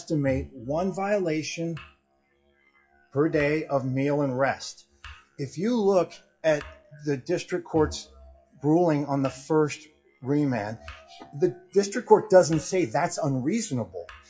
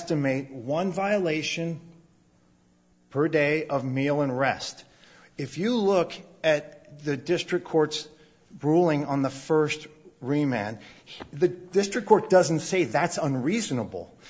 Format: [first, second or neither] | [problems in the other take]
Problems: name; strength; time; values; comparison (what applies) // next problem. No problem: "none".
second | noise reduction (classical method WPE with log-MMSE)